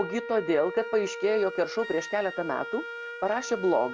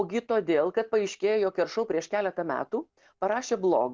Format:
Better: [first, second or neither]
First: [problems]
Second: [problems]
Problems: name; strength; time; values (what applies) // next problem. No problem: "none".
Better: second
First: background sound (Wind instrument, woodwind instrument); 10 dB below the speech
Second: none